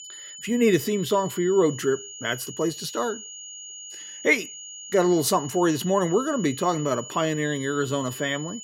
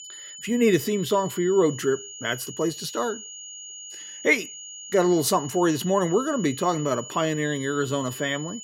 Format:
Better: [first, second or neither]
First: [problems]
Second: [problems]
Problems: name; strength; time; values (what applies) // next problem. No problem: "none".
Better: neither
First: high-pitched whine; noticeable; throughout; 7 kHz, 15 dB below the speech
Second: high-pitched whine; noticeable; throughout; 7 kHz, 15 dB below the speech